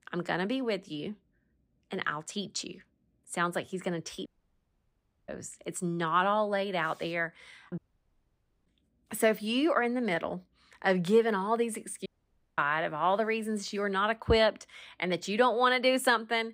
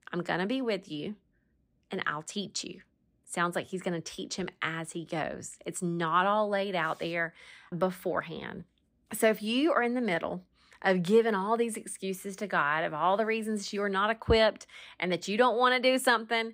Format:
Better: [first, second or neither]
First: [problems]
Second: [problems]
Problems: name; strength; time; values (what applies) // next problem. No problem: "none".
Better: second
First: audio cutting out; at 4.5 s for 1 s, at 8 s for 1 s and at 12 s for 0.5 s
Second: none